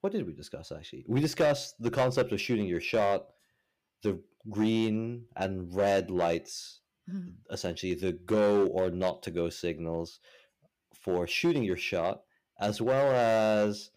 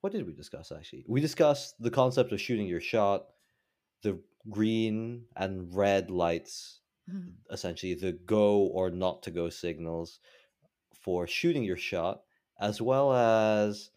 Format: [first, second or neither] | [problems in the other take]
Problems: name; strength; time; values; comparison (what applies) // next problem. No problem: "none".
second | distortion; slight; 4% of the sound clipped